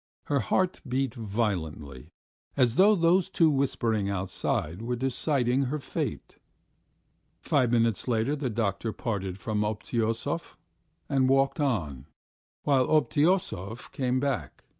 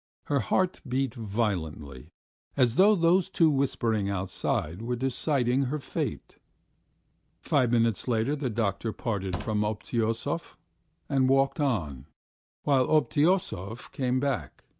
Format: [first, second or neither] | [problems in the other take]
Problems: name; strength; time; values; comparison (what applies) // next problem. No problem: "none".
first | background sound (Slam); 15 dB below the speech